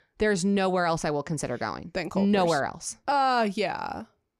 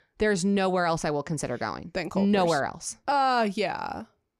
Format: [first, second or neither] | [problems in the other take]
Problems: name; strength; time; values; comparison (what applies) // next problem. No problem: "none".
neither | none